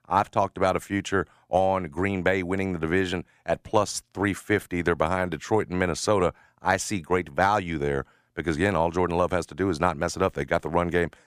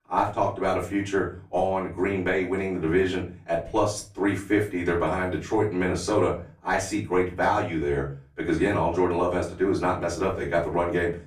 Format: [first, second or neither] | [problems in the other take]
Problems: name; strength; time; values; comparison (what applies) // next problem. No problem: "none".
first | off-mic speech; far // room echo; slight; dies away in 0.3 s